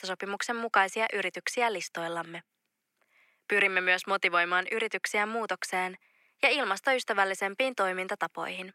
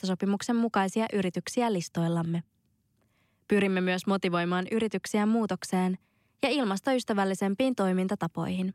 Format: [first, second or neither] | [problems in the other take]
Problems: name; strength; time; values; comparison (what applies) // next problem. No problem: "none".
second | thin; very; fading below 550 Hz